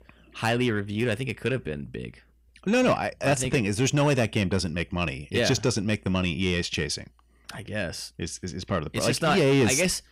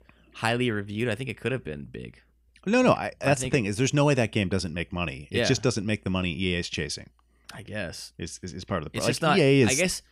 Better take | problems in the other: second | distortion; slight; 10 dB below the speech

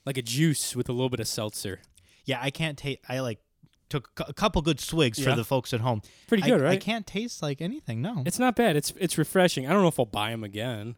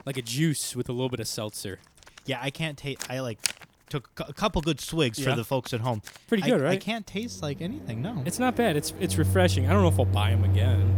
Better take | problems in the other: first | household noises; very loud; throughout; 1 dB above the speech

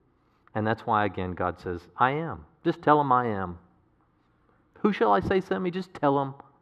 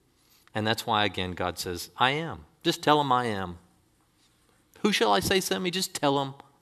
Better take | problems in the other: second | muffled; very; fading above 3.5 kHz

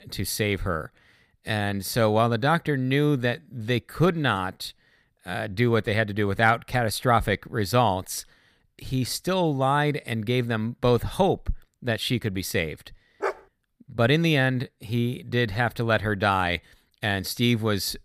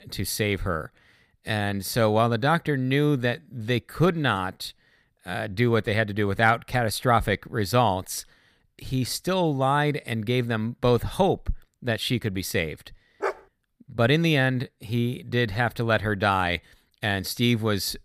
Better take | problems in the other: neither | dog barking; noticeable; at 13 s; peak 7 dB below the speech; the same in both

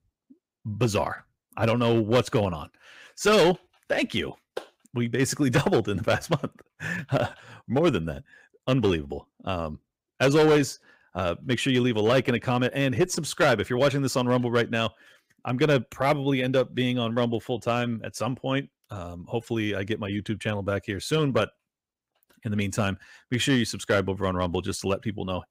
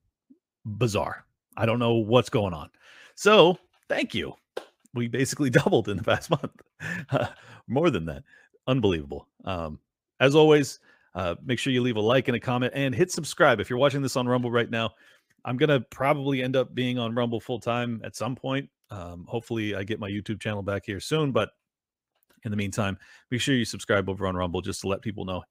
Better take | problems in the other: second | distortion; slight; 3% of the sound clipped

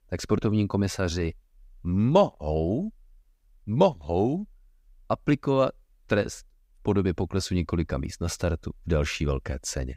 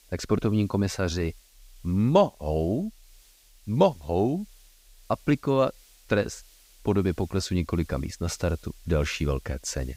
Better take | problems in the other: first | hiss; faint; throughout; 30 dB below the speech

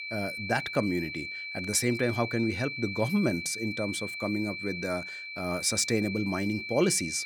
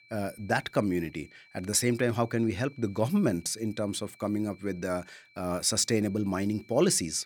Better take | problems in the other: second | high-pitched whine; loud; throughout; 2.5 kHz, 6 dB below the speech; faint in the second

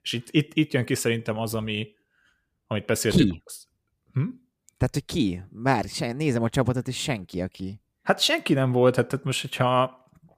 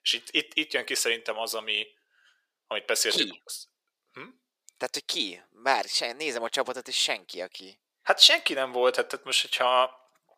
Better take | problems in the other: first | thin; very; fading below 500 Hz

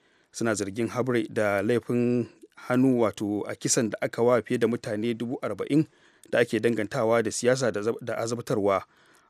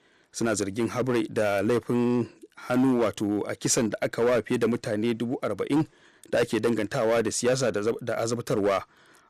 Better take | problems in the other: first | distortion; slight; 8% of the sound clipped

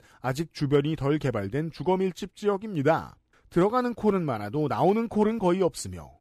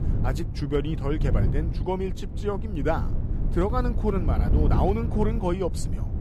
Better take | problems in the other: first | wind noise on the microphone; heavy; 10 dB below the speech

